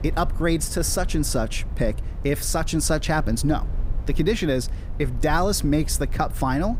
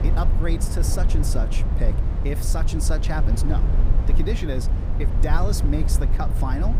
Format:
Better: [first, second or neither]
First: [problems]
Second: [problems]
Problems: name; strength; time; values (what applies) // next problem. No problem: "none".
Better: first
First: low rumble; faint; throughout; 20 dB below the speech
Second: low rumble; loud; throughout; 5 dB below the speech